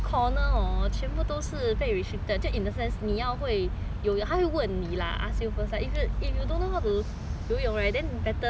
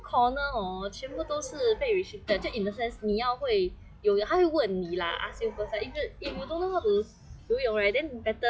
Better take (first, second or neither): first